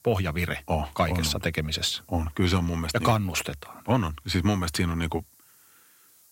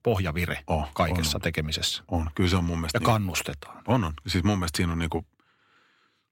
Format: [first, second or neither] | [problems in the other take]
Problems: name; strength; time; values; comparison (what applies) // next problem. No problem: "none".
second | hiss; faint; throughout; 30 dB below the speech